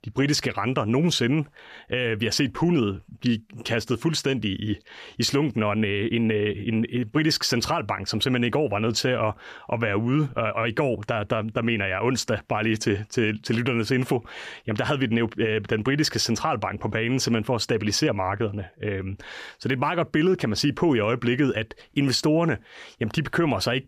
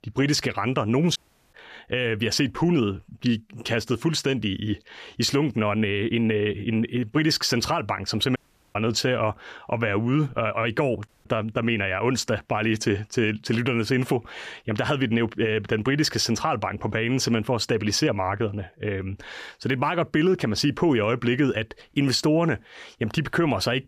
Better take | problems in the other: first | audio cutting out; at 1 s, at 8.5 s and at 11 s

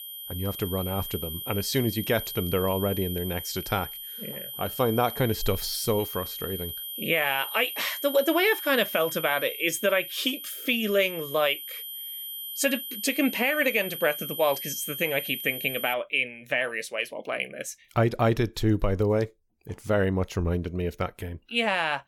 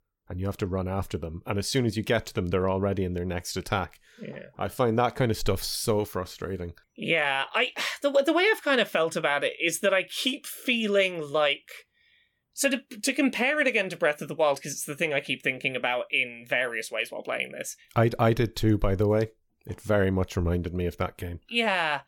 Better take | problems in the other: second | high-pitched whine; loud; until 16 s; 3 kHz, 7 dB below the speech

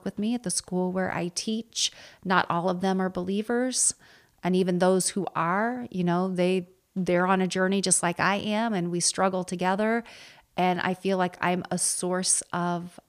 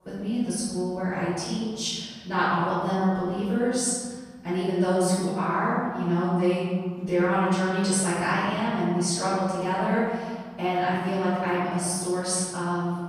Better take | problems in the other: first | off-mic speech; far // room echo; strong; dies away in 1.8 s

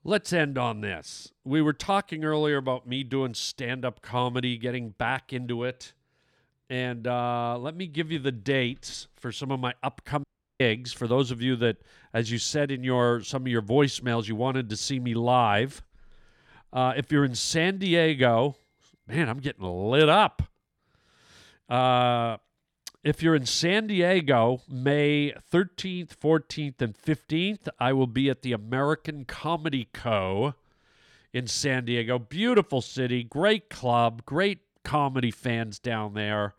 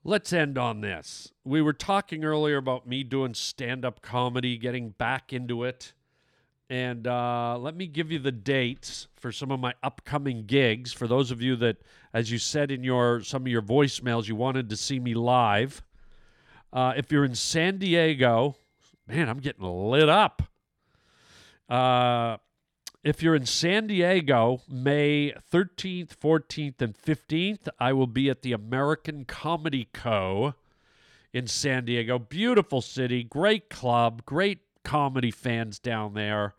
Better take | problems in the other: second | audio cutting out; at 10 s

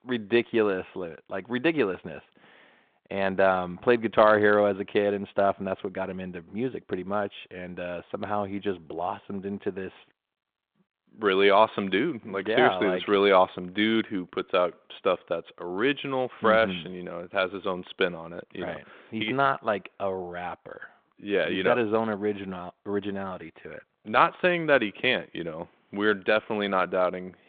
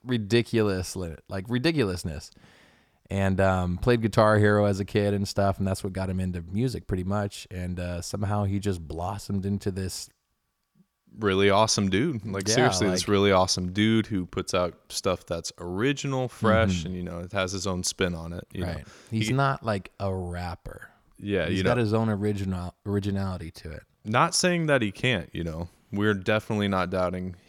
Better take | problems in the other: second | phone-call audio

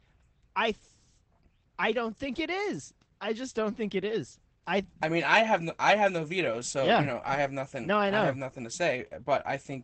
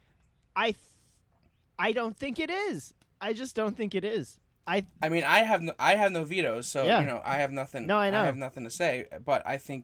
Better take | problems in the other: second | garbled, watery; badly; nothing above 8 kHz; slightly in the second

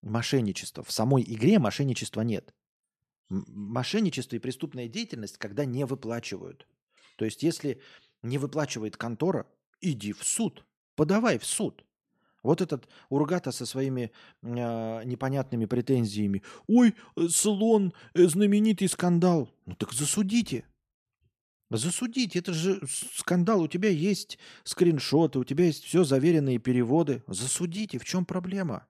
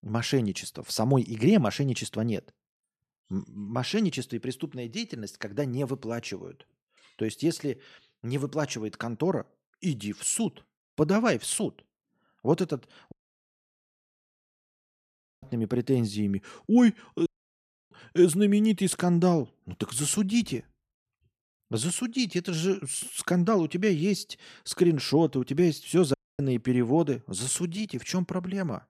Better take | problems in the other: first | audio cutting out; at 13 s for 2.5 s, at 17 s for 0.5 s and at 26 s

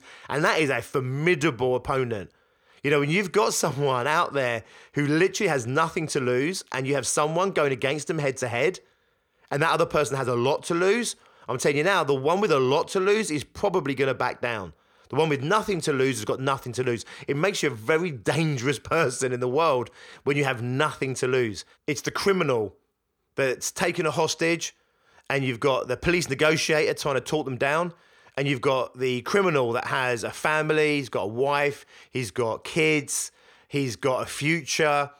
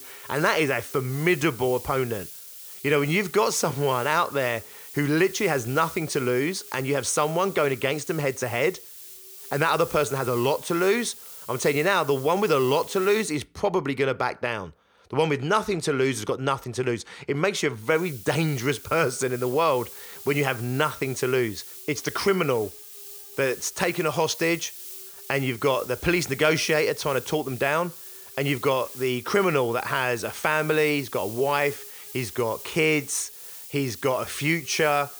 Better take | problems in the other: first | hiss; noticeable; until 13 s and from 18 s on; 15 dB below the speech

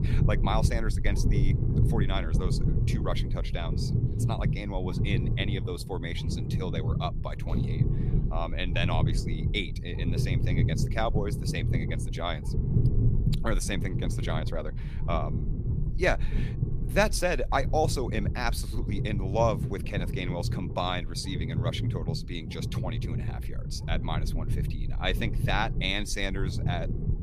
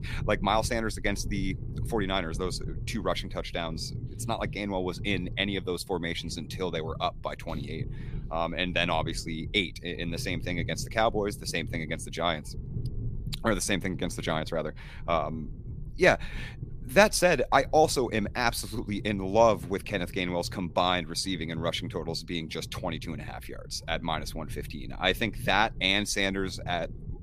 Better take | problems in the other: second | low rumble; loud; throughout; 9 dB below the speech; faint in the second

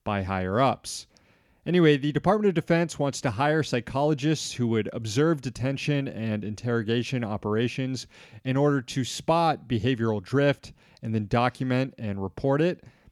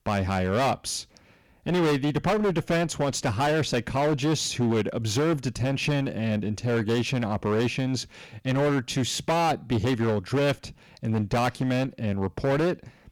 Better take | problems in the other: first | distortion; heavy; 19% of the sound clipped

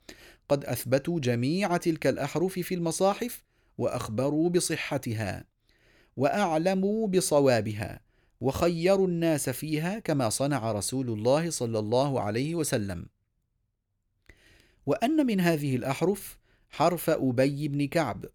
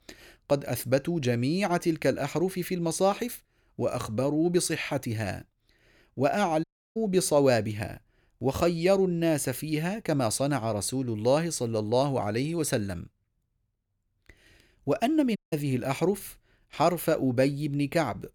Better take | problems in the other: first | audio cutting out; at 6.5 s and at 15 s

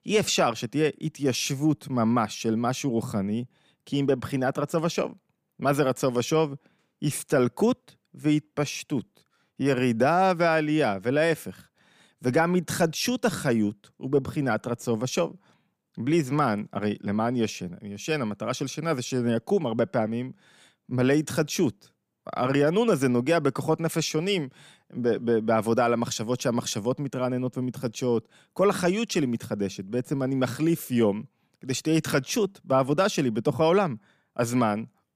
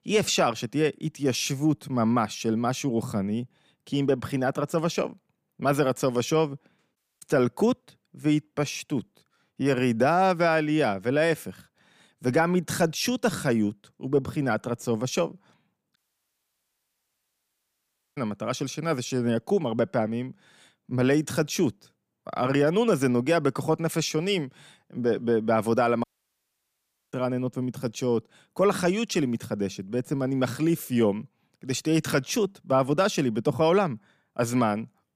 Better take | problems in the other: first | audio cutting out; at 7 s, at 16 s for 2 s and at 26 s for 1 s

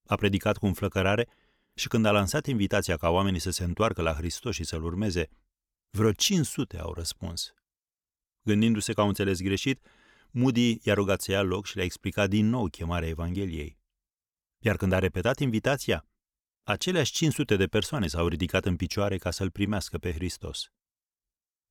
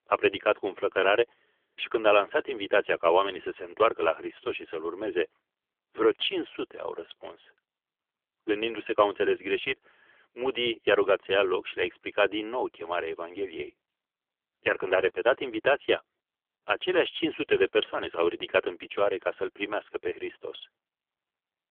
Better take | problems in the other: first | phone-call audio; poor line; nothing above 3.5 kHz

